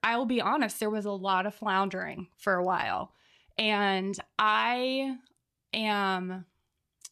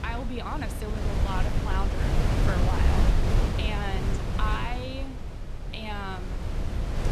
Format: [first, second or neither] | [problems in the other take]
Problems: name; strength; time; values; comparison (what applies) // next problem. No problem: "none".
first | wind noise on the microphone; heavy; 1 dB below the speech